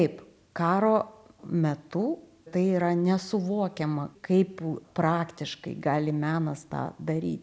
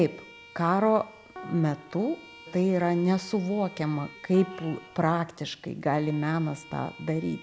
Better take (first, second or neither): first